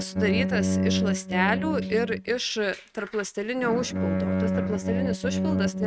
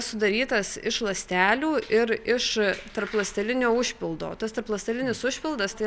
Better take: second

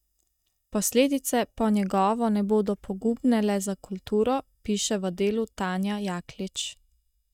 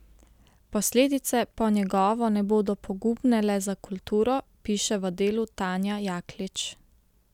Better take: second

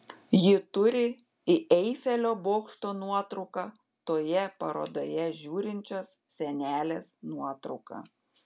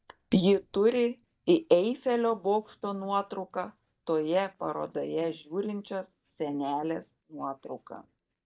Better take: first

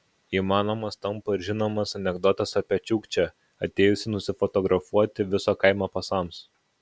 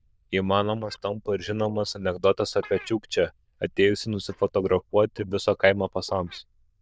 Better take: first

